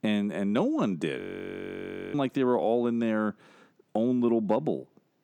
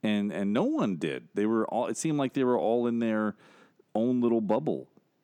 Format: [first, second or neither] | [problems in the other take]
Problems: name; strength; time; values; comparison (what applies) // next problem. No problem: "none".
second | audio freezing; at 1 s for 1 s